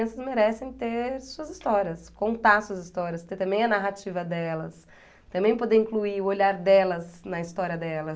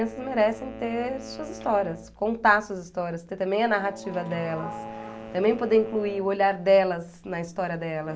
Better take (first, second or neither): first